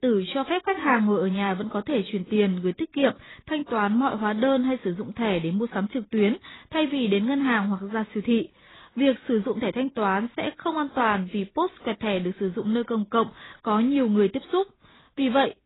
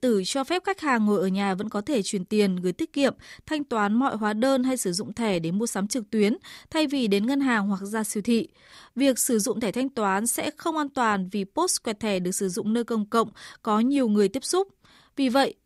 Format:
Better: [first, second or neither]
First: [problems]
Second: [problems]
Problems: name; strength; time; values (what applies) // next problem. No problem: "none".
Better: second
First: garbled, watery; badly; nothing above 4 kHz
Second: none